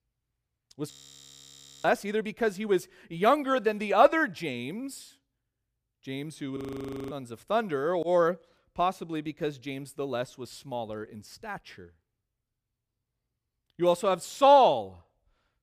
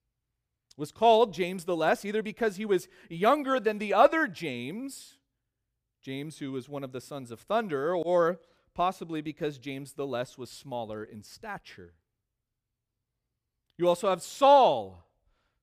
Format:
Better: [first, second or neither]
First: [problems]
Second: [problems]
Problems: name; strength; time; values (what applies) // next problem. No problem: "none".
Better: second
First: audio freezing; at 1 s for 1 s and at 6.5 s for 0.5 s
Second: none